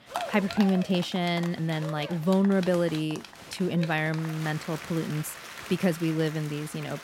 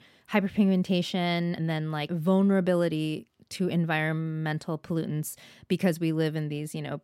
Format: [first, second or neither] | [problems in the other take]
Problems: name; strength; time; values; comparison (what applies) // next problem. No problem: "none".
second | crowd noise; noticeable; throughout; 10 dB below the speech